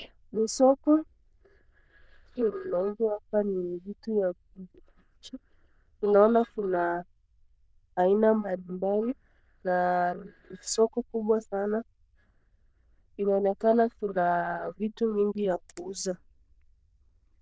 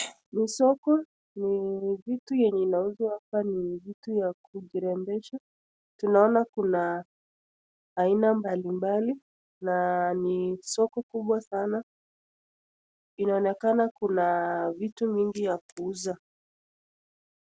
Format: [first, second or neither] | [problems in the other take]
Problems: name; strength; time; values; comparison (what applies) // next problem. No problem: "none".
second | noise reduction (neural diffusion model UNIVERSE++)